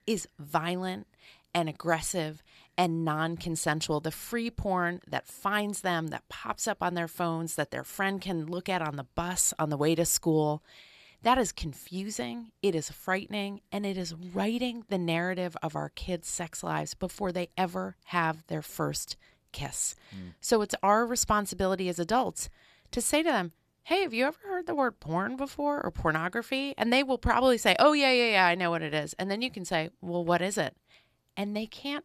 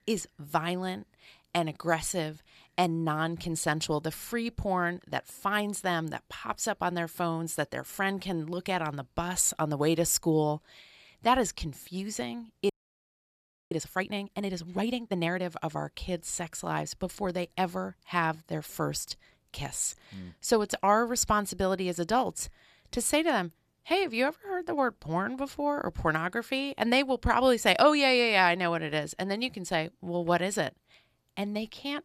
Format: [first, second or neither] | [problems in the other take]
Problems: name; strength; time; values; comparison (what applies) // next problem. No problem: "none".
first | audio freezing; at 13 s for 1 s